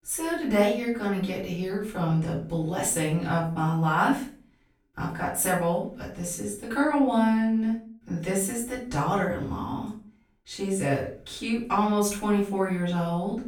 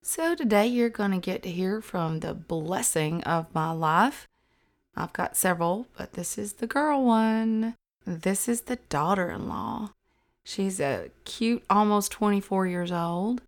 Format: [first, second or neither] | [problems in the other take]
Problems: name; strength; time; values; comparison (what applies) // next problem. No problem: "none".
second | off-mic speech; far // room echo; noticeable; dies away in 0.4 s